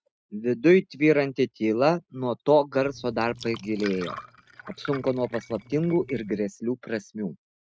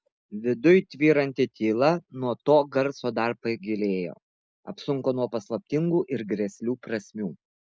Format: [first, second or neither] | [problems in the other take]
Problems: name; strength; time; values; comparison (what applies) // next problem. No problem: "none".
second | noise reduction (neural mask model RNNoise)